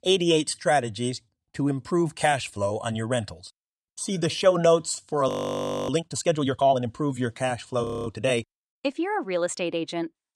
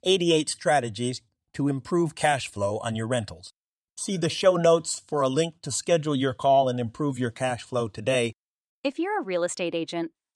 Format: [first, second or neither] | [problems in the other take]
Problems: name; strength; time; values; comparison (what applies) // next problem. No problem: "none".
second | audio freezing; at 5.5 s for 0.5 s and at 8 s